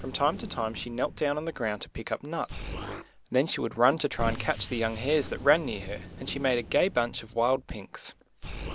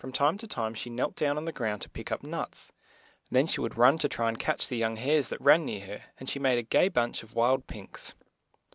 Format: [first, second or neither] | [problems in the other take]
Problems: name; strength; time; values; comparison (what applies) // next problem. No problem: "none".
second | background sound (Explosion); 11 dB below the speech